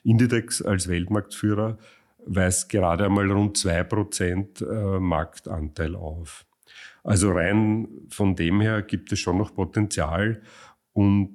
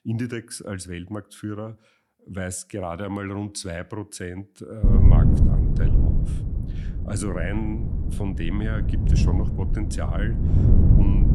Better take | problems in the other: first | wind noise on the microphone; heavy; from 5 s on; 1 dB below the speech

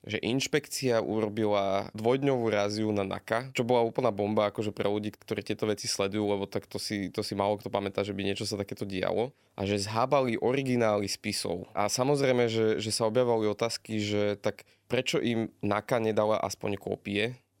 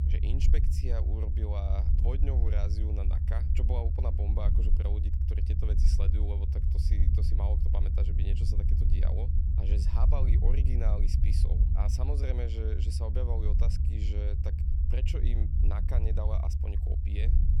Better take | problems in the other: first | low rumble; loud; throughout; 3 dB below the speech

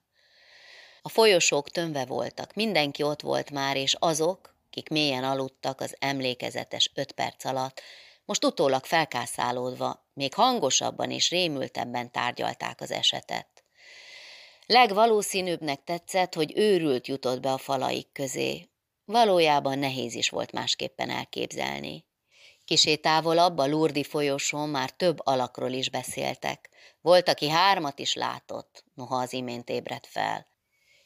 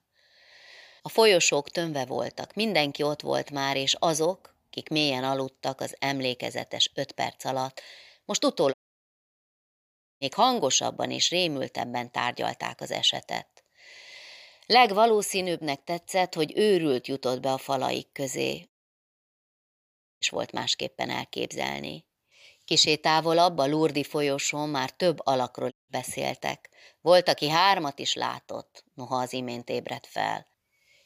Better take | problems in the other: first | audio cutting out; at 8.5 s for 1.5 s, at 19 s for 1.5 s and at 26 s

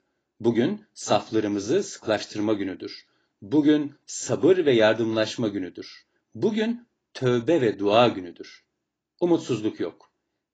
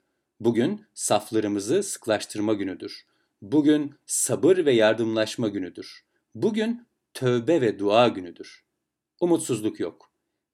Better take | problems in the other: second | garbled, watery; badly; nothing above 7.5 kHz

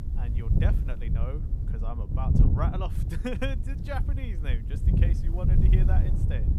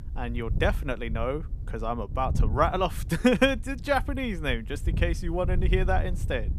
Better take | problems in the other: second | wind noise on the microphone; heavy; 2 dB below the speech; occasional gusts in the second

